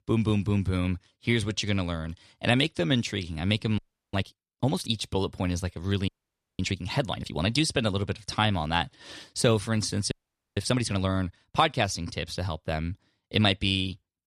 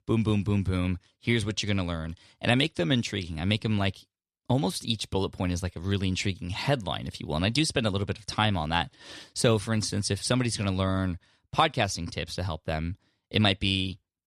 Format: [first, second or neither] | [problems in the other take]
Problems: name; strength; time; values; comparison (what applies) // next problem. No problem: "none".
second | audio freezing; at 4 s, at 6 s for 0.5 s and at 10 s